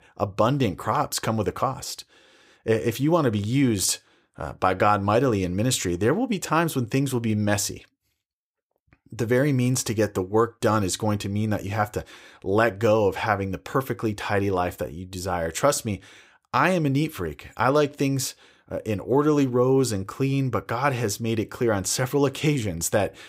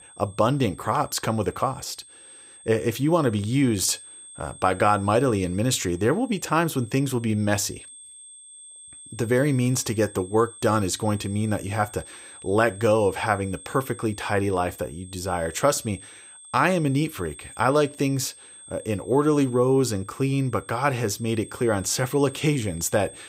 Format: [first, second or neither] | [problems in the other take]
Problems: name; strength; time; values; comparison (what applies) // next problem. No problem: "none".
first | high-pitched whine; noticeable; throughout; 8.5 kHz, 20 dB below the speech